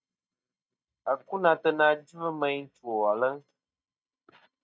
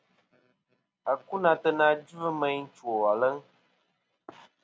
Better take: second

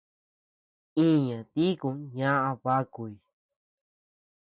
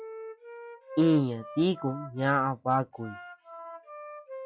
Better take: first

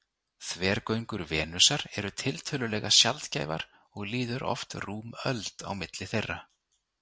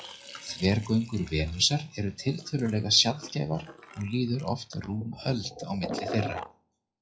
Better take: first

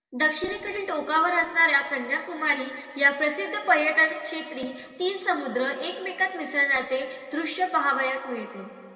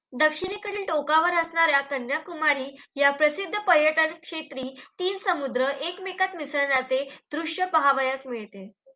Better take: second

